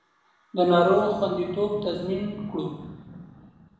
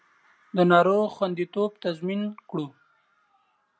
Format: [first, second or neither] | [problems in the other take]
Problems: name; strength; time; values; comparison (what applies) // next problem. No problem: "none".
second | background sound (Boom); 15 dB below the speech // room echo; dies away in 1 s